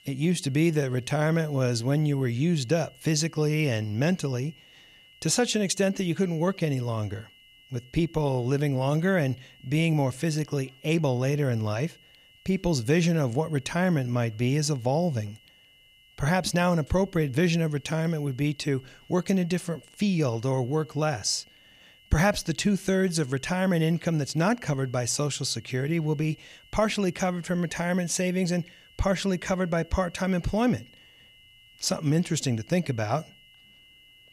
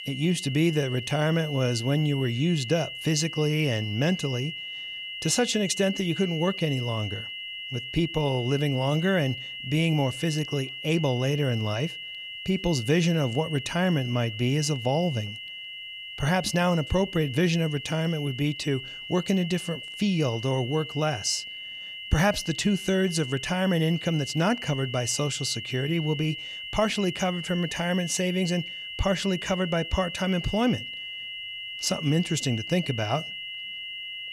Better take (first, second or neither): first